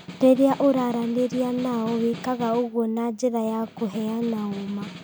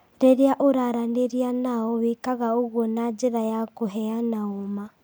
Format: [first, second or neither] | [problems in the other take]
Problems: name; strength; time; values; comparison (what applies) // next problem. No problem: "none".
second | background sound (Snare drum); 16 dB below the speech